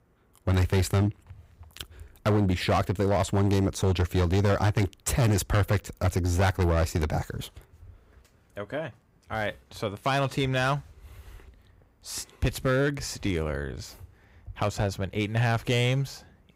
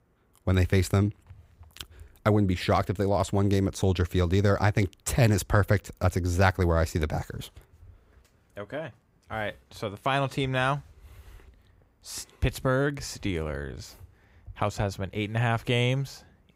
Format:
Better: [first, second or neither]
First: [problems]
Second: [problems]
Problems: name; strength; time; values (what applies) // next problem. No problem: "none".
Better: second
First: distortion; slight; 7% of the sound clipped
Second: none